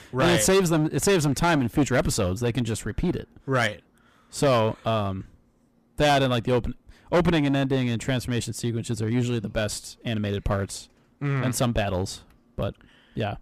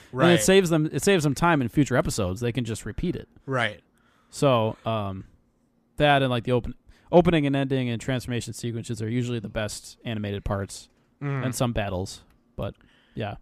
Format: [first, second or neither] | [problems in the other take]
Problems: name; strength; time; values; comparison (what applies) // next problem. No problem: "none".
second | distortion; heavy; 7% of the sound clipped